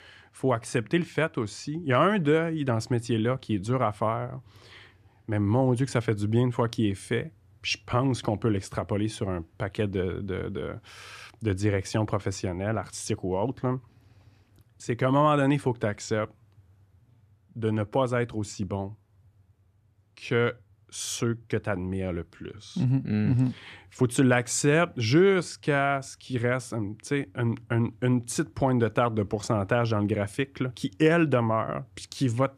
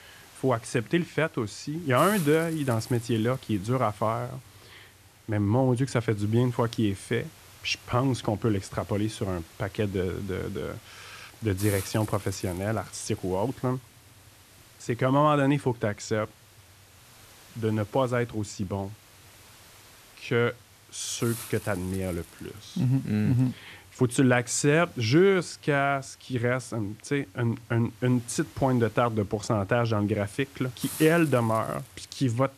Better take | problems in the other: first | hiss; noticeable; throughout; 20 dB below the speech

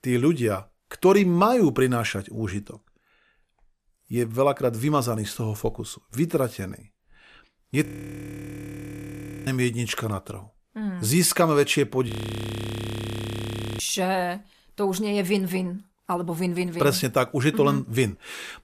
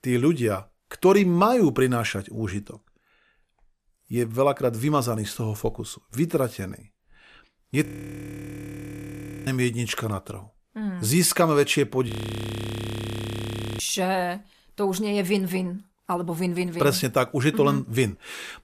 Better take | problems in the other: neither | audio freezing; at 8 s for 1.5 s and at 12 s for 1.5 s; the same in both

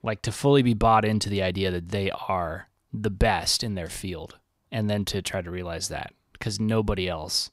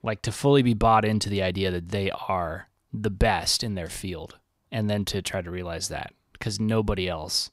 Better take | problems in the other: neither | none

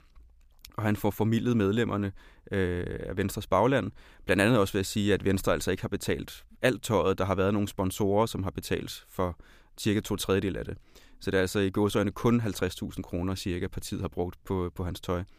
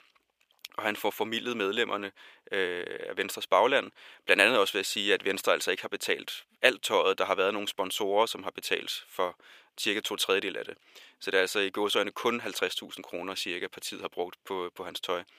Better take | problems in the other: first | thin; very; fading below 500 Hz

